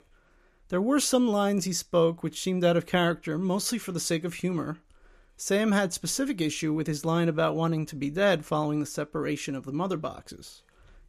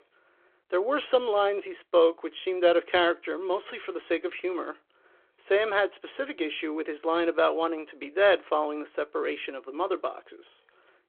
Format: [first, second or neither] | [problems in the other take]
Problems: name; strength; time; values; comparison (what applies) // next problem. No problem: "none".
first | phone-call audio